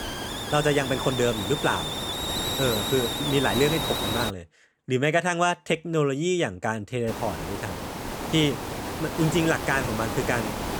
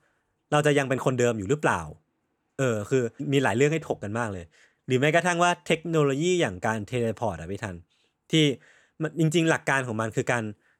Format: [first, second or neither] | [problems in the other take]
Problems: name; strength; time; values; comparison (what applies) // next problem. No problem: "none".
second | hiss; loud; until 4.5 s and from 7 s on; 3 dB below the speech